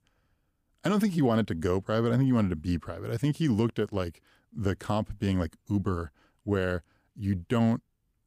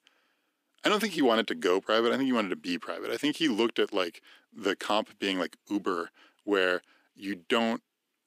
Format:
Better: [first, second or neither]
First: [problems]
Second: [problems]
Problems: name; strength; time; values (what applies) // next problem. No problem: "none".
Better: first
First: none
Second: thin; somewhat; fading below 300 Hz